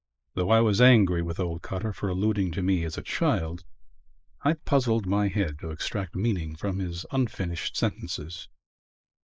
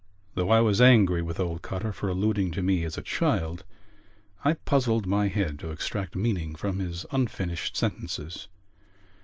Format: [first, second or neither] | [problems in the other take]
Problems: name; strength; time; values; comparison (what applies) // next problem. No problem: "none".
second | noise reduction (neural mask model Resemble Enhance denoiser)